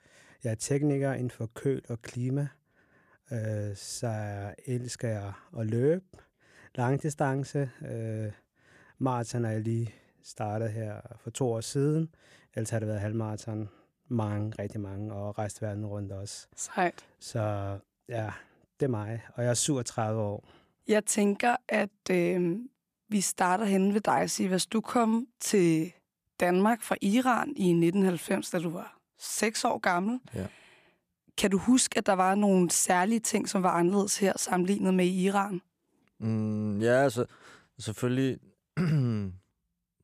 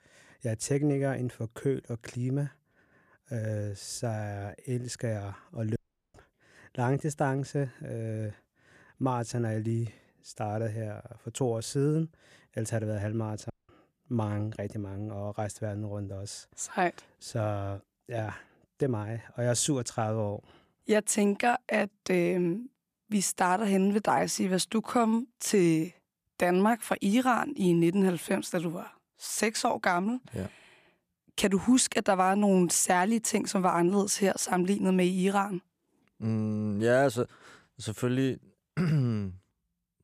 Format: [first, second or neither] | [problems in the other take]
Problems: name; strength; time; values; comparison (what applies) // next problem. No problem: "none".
first | audio cutting out; at 6 s and at 14 s